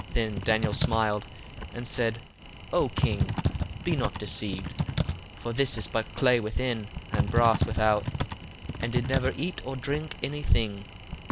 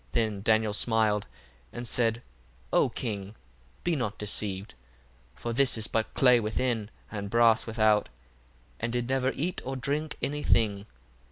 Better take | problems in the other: second | background sound (Typing); 3 dB below the speech

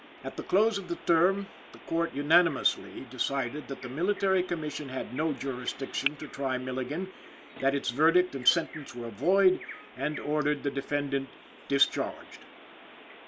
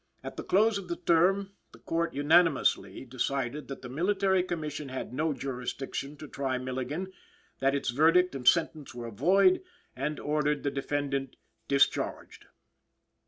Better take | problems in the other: second | background sound (Bird vocalization, bird call, bird song); 16 dB below the speech

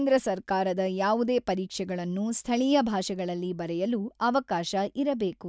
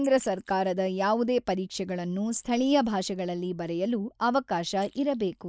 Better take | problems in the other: first | noise reduction (neural mask model Resemble Enhance denoiser)

